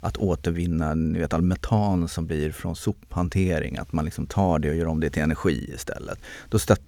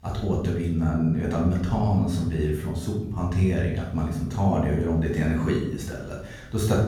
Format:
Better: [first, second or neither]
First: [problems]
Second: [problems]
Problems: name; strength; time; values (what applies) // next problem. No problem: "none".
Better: first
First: none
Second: off-mic speech; far // room echo; noticeable; dies away in 0.9 s